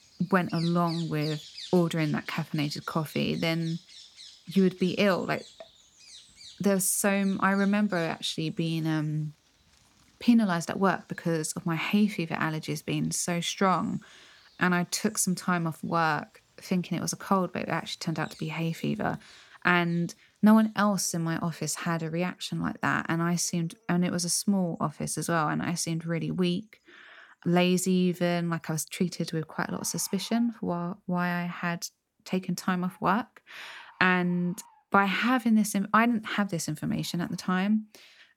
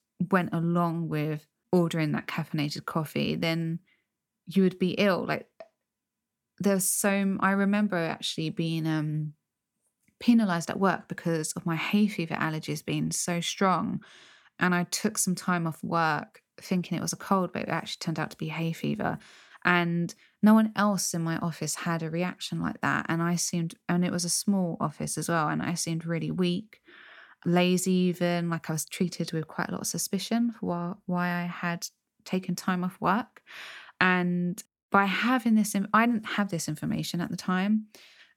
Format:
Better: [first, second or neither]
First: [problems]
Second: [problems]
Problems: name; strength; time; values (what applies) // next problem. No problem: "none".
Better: second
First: animal sounds; faint; throughout; 20 dB below the speech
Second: none